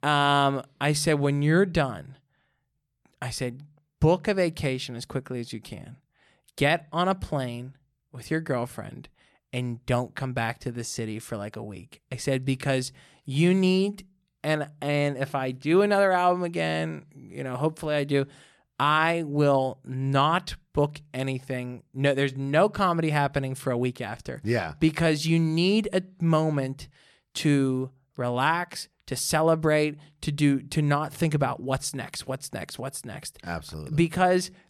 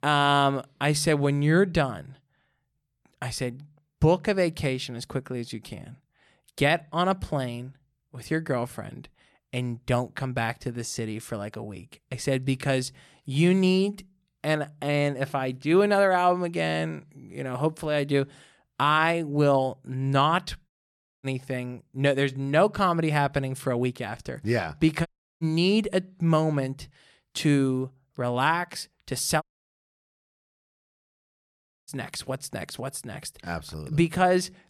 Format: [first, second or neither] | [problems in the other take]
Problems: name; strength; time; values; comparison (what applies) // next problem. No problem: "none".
first | audio cutting out; at 21 s for 0.5 s, at 25 s and at 29 s for 2.5 s